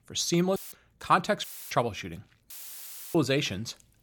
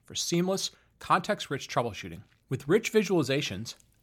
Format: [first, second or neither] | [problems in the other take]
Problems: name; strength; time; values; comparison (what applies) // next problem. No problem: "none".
second | audio cutting out; filled with static; at 0.5 s, at 1.5 s and at 2.5 s for 0.5 s